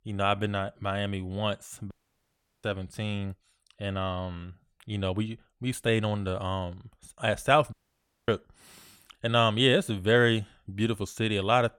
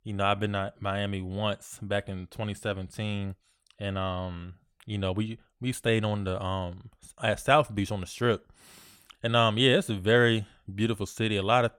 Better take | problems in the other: second | audio cutting out; at 2 s for 0.5 s and at 7.5 s for 0.5 s

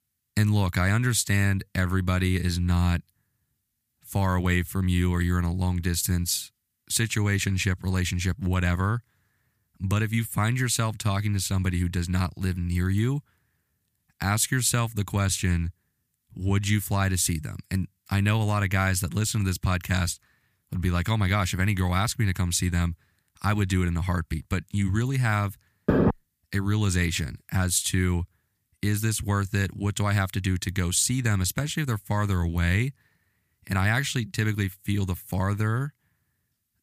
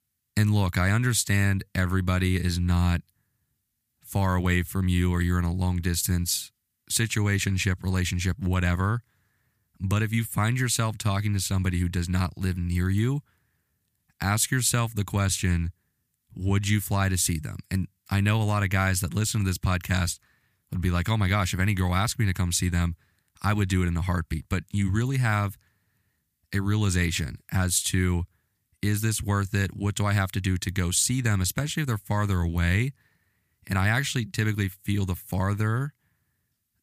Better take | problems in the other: second | door banging; loud; at 26 s; peak 3 dB above the speech

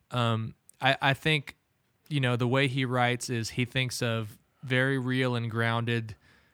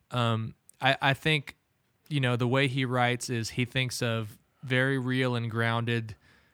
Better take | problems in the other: neither | none

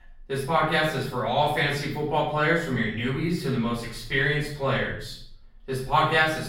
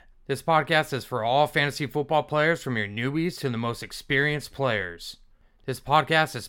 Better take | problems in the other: second | off-mic speech; far // room echo; noticeable; dies away in 0.5 s

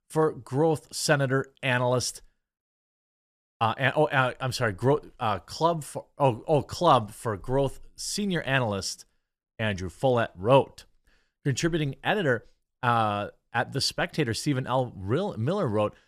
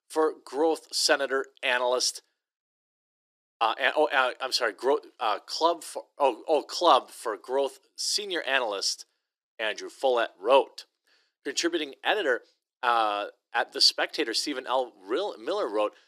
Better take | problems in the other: first | thin; very; fading below 350 Hz

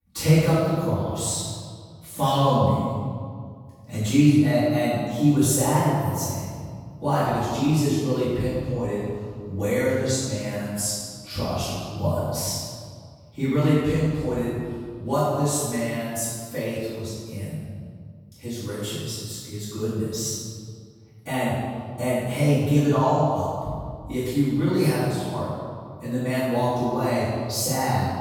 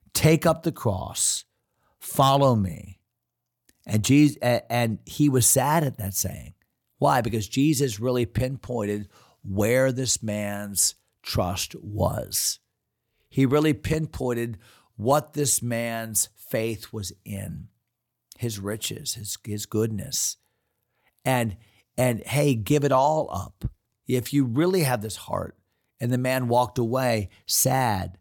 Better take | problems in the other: second | off-mic speech; far // room echo; strong; dies away in 1.8 s

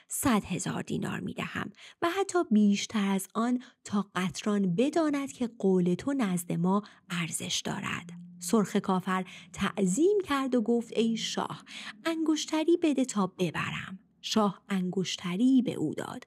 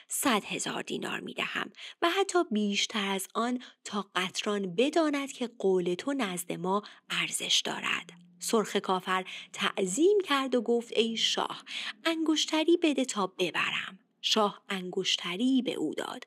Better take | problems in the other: first | thin; very slightly; fading below 350 Hz

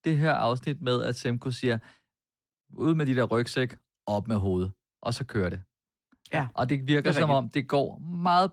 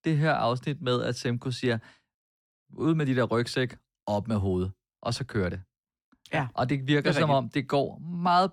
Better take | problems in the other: second | garbled, watery; slightly; nothing above 17.5 kHz

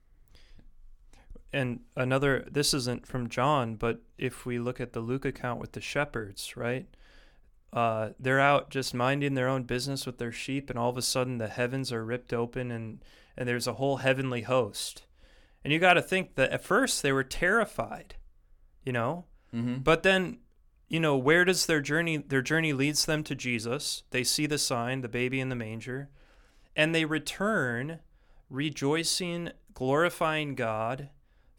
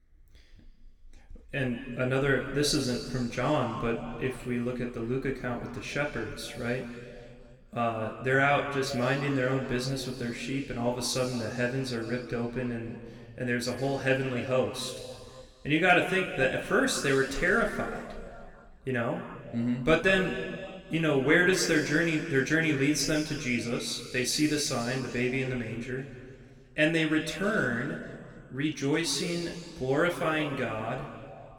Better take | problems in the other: first | room echo; slight; dies away in 2.1 s // off-mic speech; somewhat distant

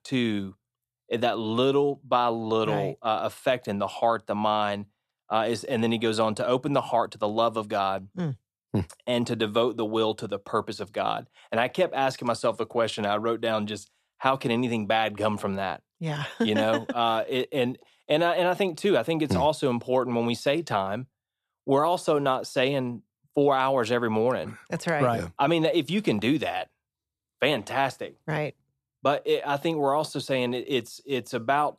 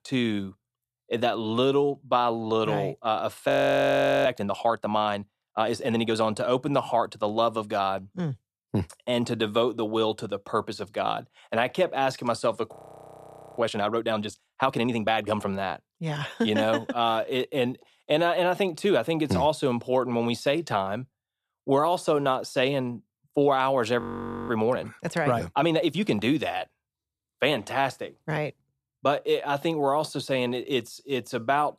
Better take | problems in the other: first | audio freezing; at 3.5 s for 1 s, at 13 s for 1 s and at 24 s

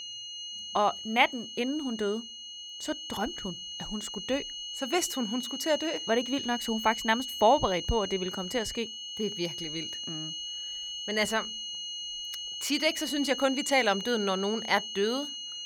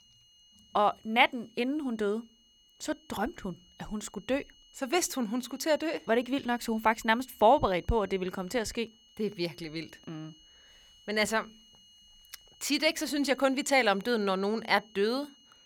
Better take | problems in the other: second | high-pitched whine; loud; throughout; 3 kHz, 6 dB below the speech; faint in the second

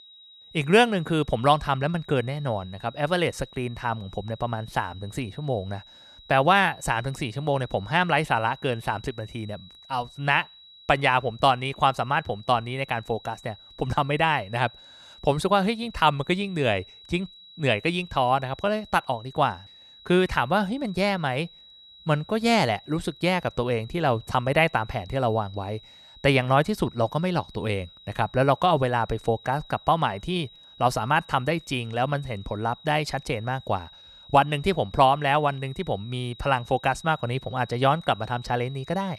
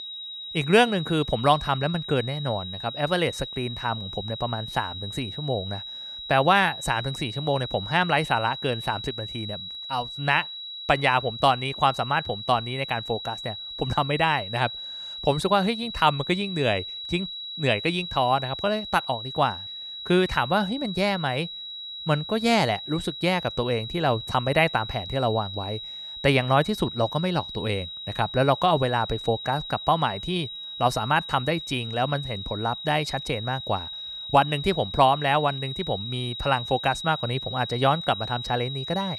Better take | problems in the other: first | high-pitched whine; loud; throughout; 4 kHz, 8 dB below the speech; faint in the first

